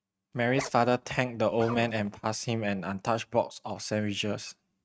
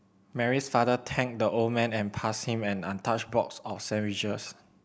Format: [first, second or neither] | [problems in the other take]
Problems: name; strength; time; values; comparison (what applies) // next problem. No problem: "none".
second | noise reduction (neural mask model RNNoise)